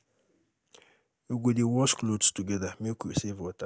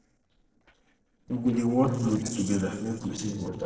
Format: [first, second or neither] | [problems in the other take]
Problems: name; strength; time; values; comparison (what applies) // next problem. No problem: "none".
first | noise reduction (neural separator model SepFormer DNS4)